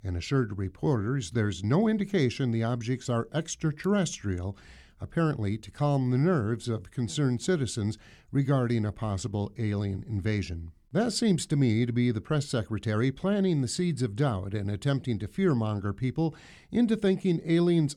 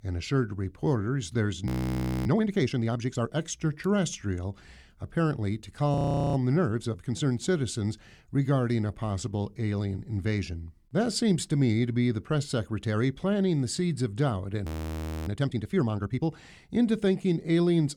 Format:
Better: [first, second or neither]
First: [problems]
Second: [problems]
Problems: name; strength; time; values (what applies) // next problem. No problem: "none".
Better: first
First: none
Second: audio freezing; at 1.5 s for 0.5 s, at 6 s and at 15 s for 0.5 s